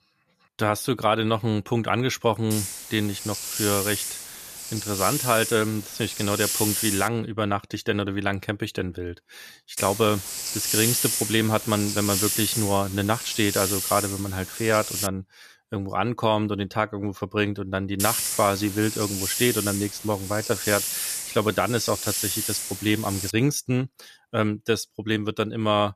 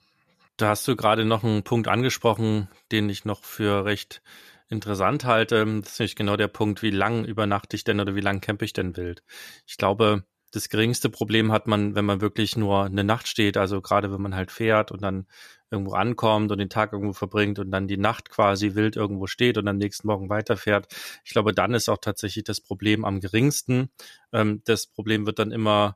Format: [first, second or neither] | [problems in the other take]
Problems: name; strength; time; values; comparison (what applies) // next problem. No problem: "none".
second | hiss; loud; from 2.5 to 7 s, from 10 to 15 s and from 18 to 23 s; 2 dB below the speech